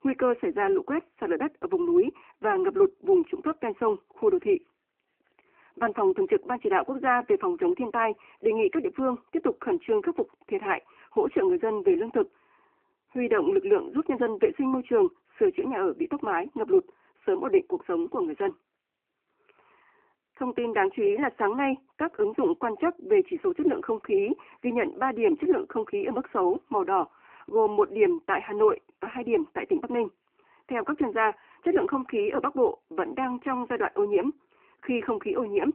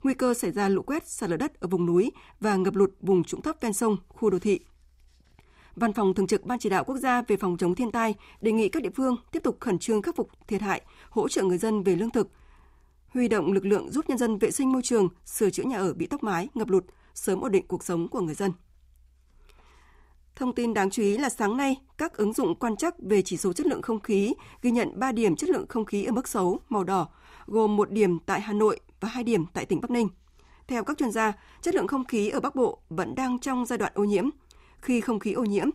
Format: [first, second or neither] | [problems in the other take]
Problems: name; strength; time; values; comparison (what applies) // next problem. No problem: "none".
second | phone-call audio